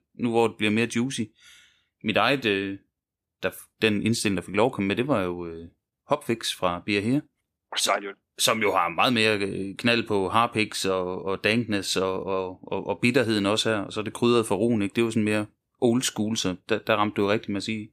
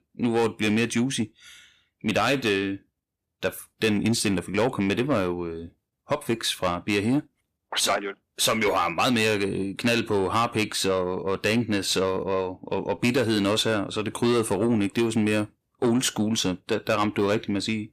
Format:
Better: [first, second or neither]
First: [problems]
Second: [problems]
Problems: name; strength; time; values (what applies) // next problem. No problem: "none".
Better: first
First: none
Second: distortion; slight; 10 dB below the speech